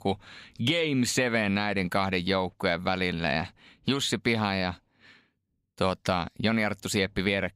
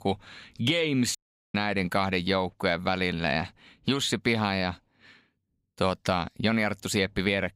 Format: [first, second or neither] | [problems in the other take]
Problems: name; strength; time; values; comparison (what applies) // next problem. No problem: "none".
first | audio cutting out; at 1 s